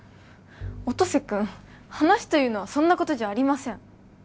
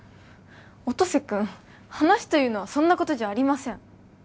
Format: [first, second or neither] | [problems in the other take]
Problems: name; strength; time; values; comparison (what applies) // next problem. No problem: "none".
second | background sound (Bowed string instrument); 19 dB below the speech